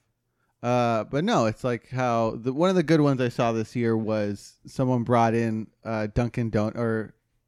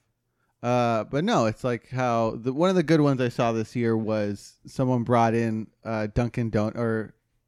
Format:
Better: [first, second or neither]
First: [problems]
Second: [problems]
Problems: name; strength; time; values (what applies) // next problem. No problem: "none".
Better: neither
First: none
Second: none